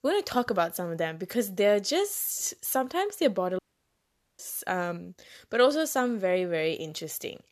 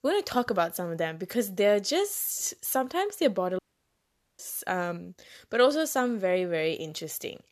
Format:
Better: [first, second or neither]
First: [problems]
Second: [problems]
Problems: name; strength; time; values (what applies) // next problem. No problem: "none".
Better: neither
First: audio cutting out; at 3.5 s for 1 s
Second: audio cutting out; at 3.5 s for 1 s